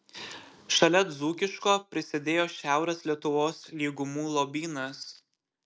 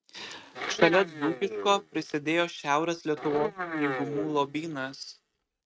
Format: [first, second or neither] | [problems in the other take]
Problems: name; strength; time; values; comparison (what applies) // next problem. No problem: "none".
first | noise reduction (neural mask model RNNoise)